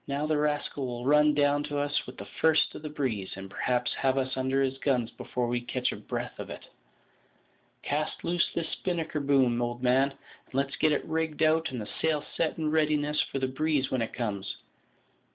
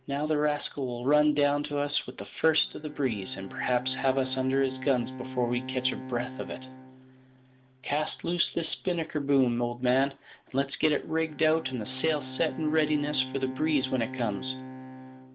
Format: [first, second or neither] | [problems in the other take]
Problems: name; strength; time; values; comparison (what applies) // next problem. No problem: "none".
first | background sound (Bowed string instrument); 14 dB below the speech